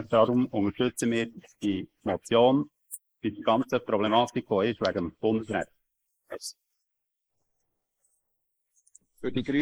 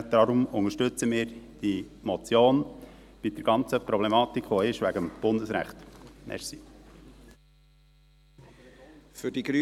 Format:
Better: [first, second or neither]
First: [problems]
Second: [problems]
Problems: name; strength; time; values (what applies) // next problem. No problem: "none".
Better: second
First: noise reduction (neural mask model Resemble Enhance denoiser)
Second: none